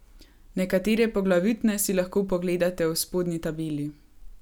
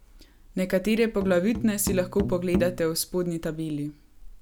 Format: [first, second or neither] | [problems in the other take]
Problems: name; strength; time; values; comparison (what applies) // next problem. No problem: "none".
first | background sound (Musical instrument); 7 dB below the speech